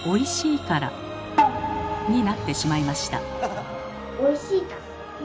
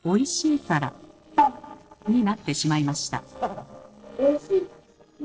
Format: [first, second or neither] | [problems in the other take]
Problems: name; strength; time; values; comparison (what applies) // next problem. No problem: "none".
first | noise reduction (neural separator model SepFormer DNS4)